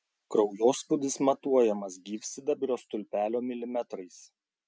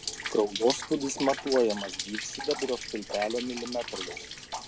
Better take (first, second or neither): first